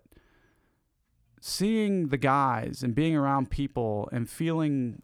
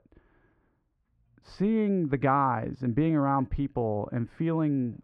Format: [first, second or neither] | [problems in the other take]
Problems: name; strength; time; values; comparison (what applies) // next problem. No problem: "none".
first | muffled; very; fading above 1.5 kHz